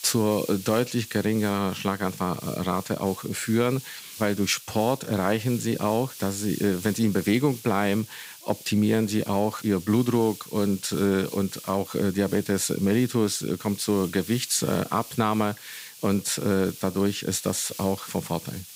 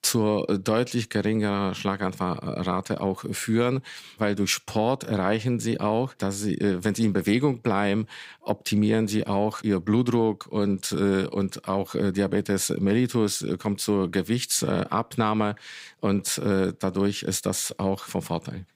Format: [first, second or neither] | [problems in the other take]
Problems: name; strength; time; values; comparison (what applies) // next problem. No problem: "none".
second | hiss; noticeable; throughout; 15 dB below the speech